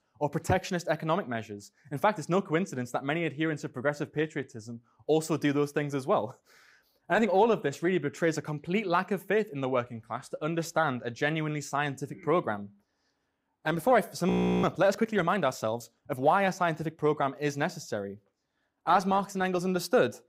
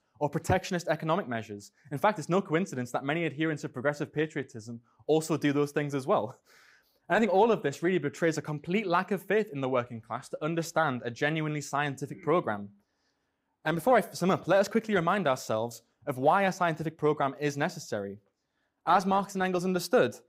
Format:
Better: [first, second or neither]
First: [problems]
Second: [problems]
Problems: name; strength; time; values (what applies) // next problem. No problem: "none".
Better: second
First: audio freezing; at 14 s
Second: none